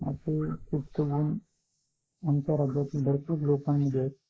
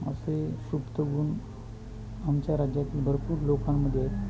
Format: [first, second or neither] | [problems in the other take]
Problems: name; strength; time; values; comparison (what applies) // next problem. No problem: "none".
second | noise reduction (neural mask model Resemble Enhance denoiser)